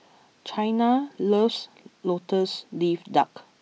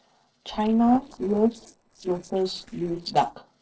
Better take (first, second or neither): first